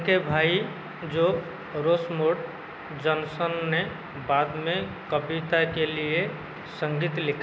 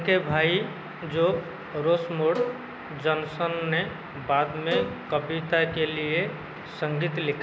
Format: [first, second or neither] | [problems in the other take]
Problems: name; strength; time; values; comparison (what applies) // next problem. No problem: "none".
first | background sound (Bowed string instrument); 6 dB below the speech